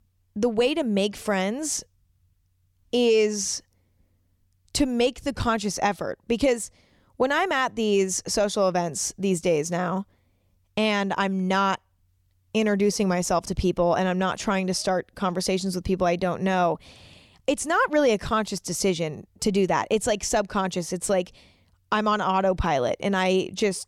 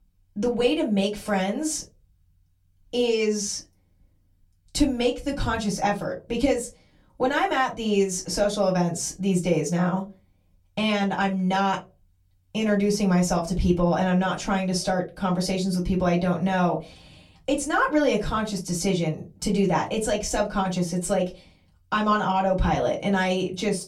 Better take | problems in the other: first | off-mic speech; far // room echo; very slight; dies away in 0.2 s

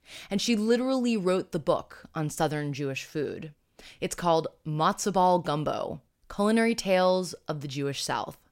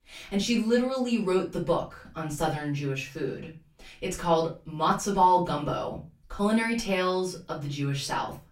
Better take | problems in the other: first | off-mic speech; far // room echo; very slight; dies away in 0.3 s

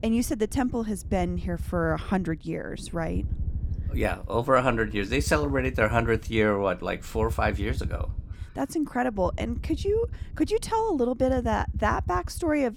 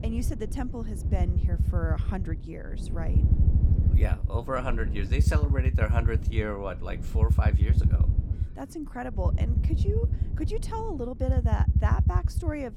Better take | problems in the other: first | low rumble; loud; throughout; 6 dB below the speech; faint in the first

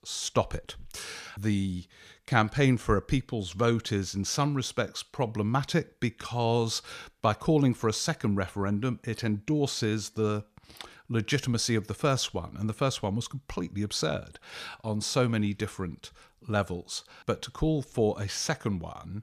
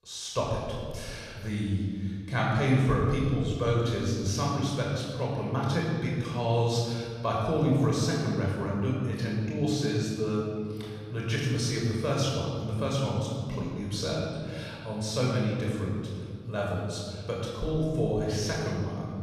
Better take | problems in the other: first | off-mic speech; far // room echo; strong; dies away in 2.2 s

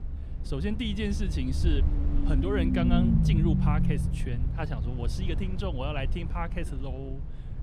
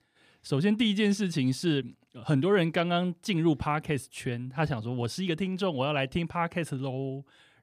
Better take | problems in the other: second | low rumble; loud; throughout; 2 dB below the speech

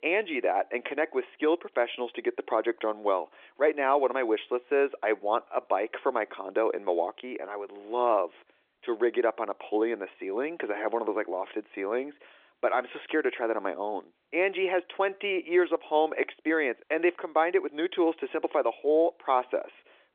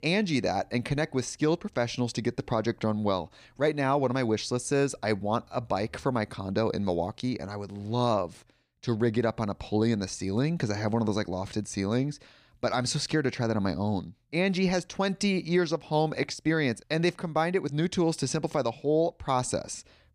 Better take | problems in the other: second | phone-call audio; nothing above 3.5 kHz

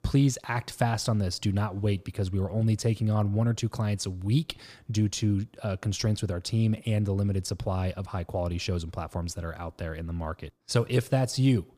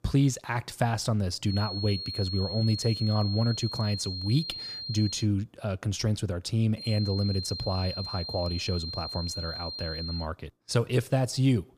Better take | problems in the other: first | high-pitched whine; loud; from 1.5 to 5 s and from 7 to 10 s; 4 kHz, 6 dB below the speech

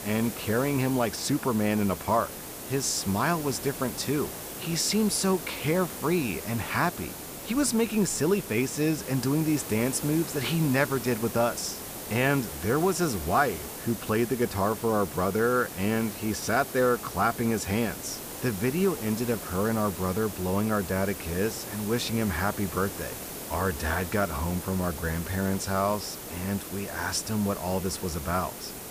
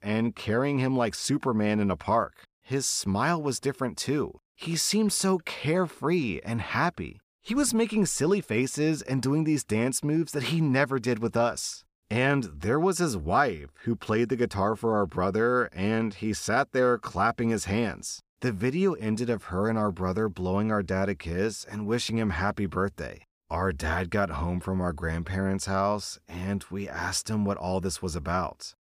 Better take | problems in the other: second | hiss; loud; throughout; 9 dB below the speech

